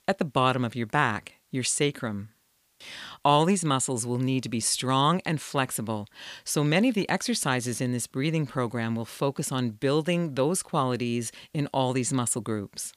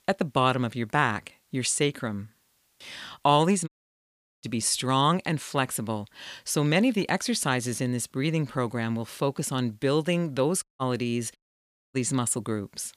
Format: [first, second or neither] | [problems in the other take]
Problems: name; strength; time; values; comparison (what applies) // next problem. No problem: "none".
first | audio cutting out; at 3.5 s for 0.5 s and at 11 s for 0.5 s